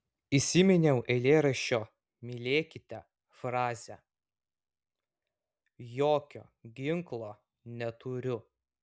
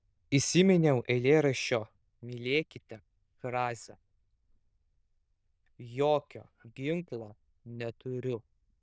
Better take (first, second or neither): first